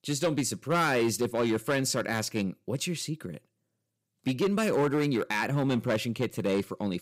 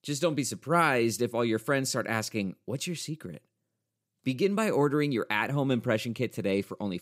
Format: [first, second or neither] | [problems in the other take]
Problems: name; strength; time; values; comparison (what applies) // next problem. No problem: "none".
second | distortion; slight; 7% of the sound clipped